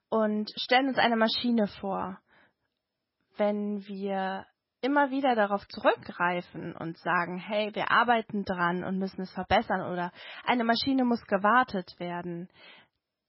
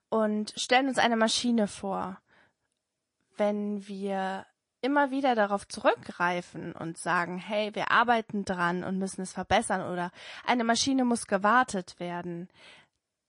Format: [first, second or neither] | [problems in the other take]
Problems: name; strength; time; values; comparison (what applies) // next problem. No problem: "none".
second | garbled, watery; badly; nothing above 5.5 kHz; slightly in the second